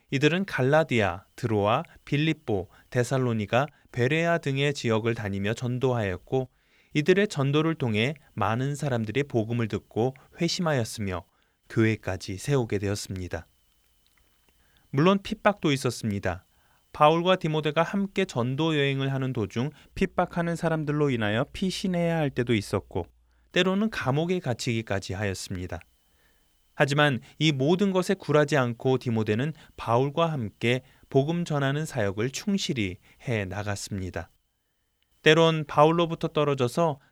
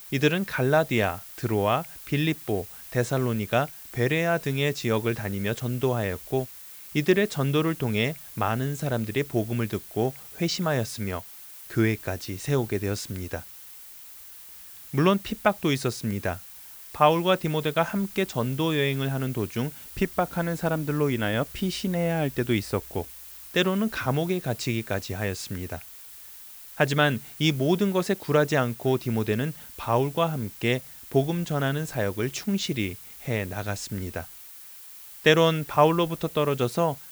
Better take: first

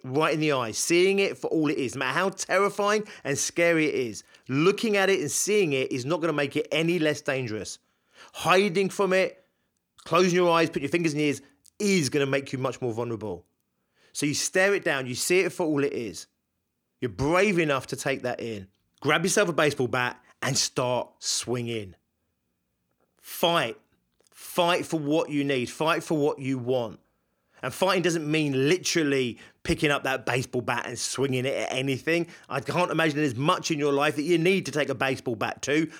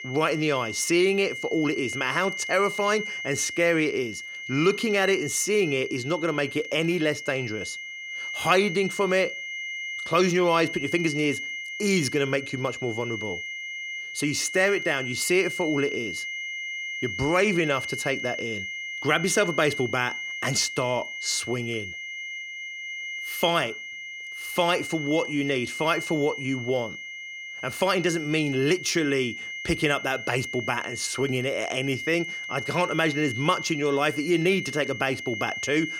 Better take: first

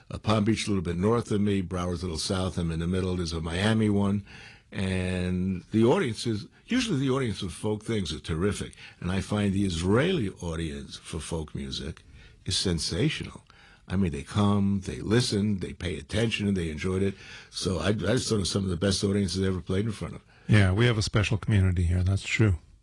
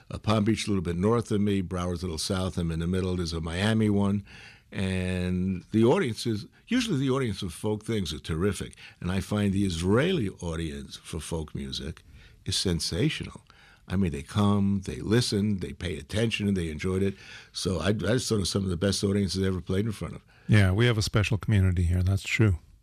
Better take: second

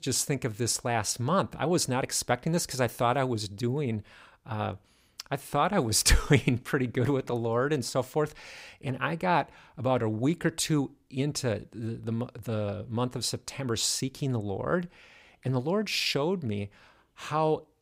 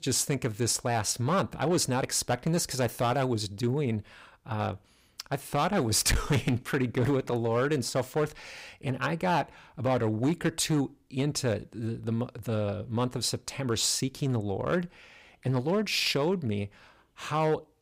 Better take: first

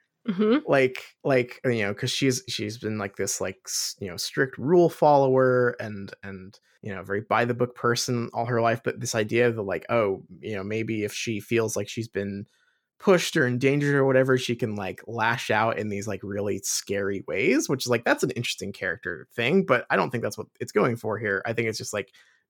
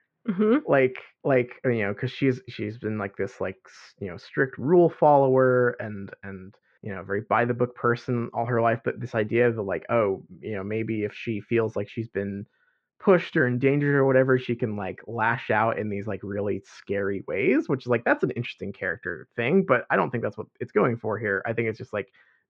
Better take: first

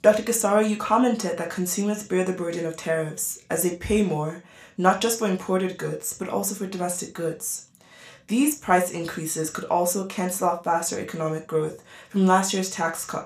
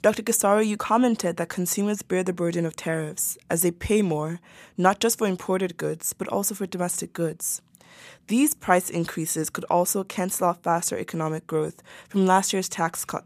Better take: second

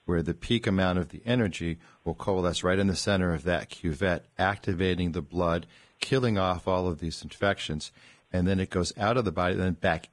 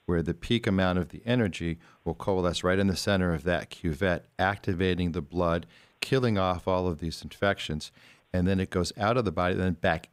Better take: second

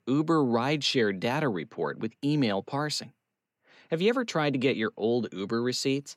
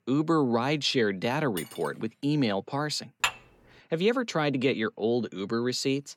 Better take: first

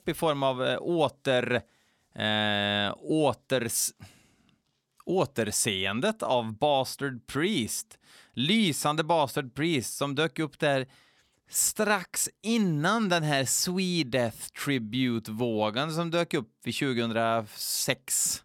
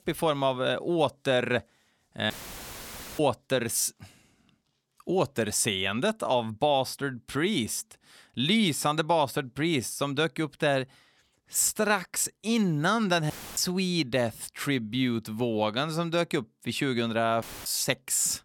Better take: first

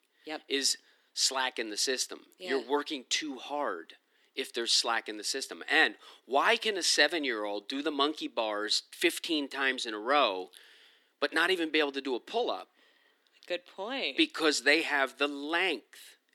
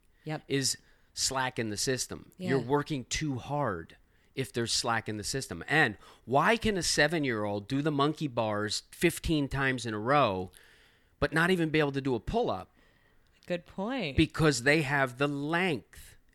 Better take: second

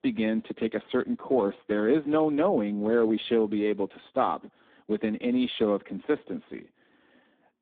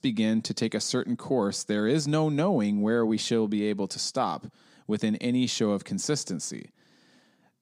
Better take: second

